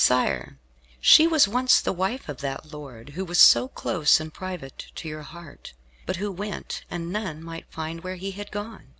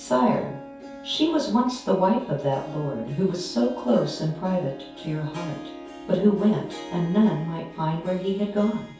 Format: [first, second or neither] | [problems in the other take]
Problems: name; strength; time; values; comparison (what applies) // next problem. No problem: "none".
first | background sound (Harp); 16 dB below the speech // room echo; dies away in 0.6 s